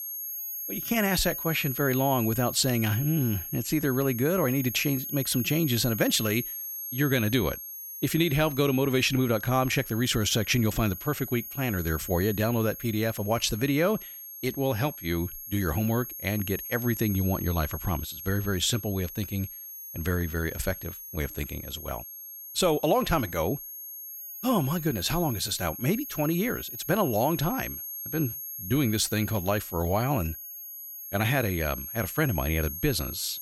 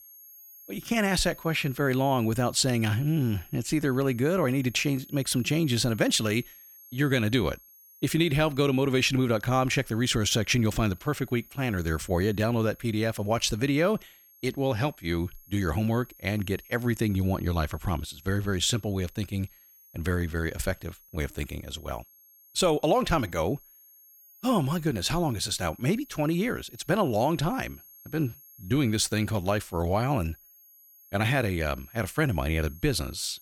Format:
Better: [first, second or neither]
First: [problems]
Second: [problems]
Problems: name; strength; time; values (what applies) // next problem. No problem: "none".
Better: second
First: high-pitched whine; loud; throughout; 11.5 kHz, 8 dB below the speech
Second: high-pitched whine; faint; throughout; 11.5 kHz, 25 dB below the speech